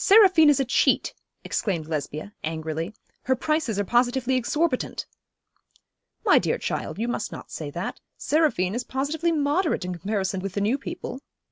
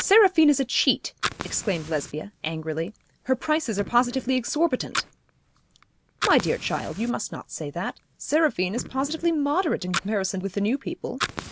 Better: first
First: none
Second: background sound (Fire); 12 dB below the speech

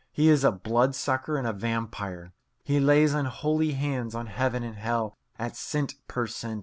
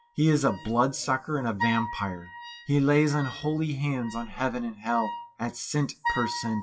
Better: first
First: none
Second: noise reduction (classical method WPE with log-MMSE)

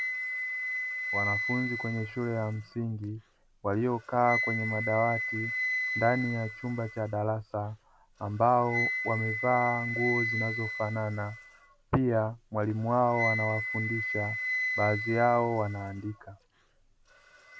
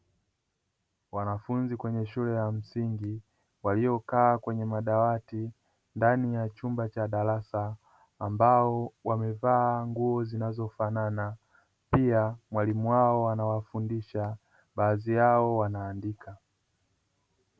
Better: second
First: background sound (Wind instrument, woodwind instrument); 4 dB below the speech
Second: none

